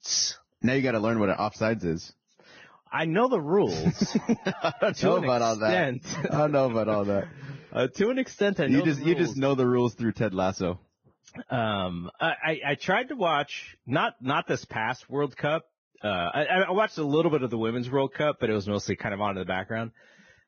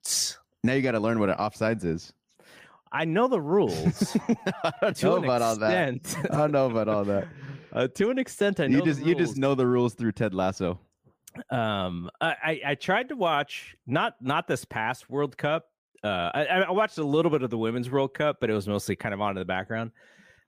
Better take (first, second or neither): second